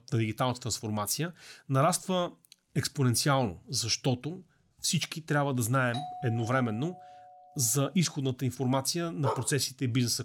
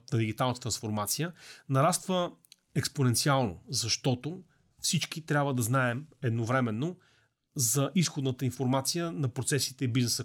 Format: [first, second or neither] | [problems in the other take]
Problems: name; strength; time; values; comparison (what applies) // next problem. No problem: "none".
second | doorbell; noticeable; from 6 to 7.5 s; peak 10 dB below the speech // dog barking; noticeable; at 9 s; peak 5 dB below the speech